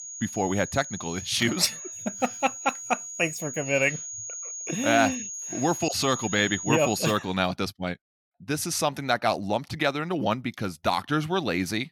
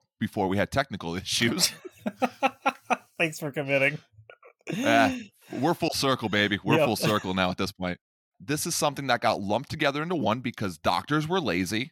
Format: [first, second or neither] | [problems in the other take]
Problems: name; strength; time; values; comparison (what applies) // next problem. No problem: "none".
second | high-pitched whine; loud; until 7 s; 6.5 kHz, 8 dB below the speech